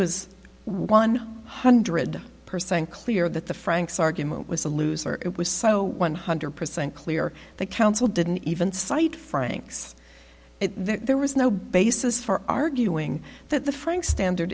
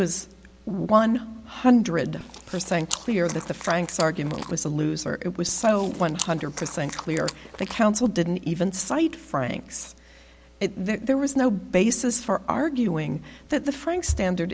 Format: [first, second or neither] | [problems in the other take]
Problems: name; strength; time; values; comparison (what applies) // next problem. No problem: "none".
first | background sound (Chewing, mastication); 12 dB below the speech